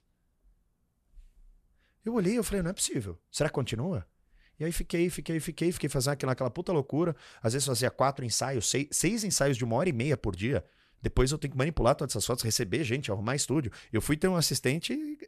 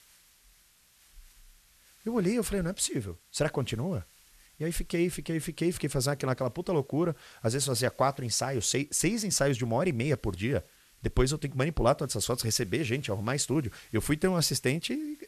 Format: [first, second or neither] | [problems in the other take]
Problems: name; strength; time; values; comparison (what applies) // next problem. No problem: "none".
first | hiss; faint; throughout; 30 dB below the speech